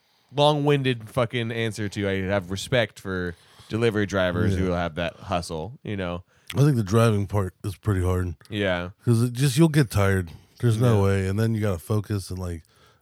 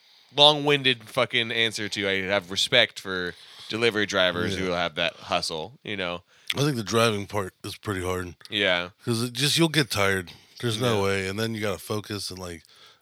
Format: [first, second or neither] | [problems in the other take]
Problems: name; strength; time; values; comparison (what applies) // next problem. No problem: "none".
first | thin; somewhat; fading below 750 Hz